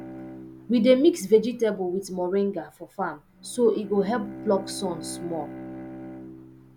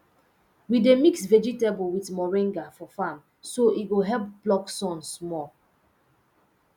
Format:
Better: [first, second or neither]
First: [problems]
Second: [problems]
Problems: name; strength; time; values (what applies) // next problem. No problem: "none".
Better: second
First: background sound (Bowed string instrument); 16 dB below the speech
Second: none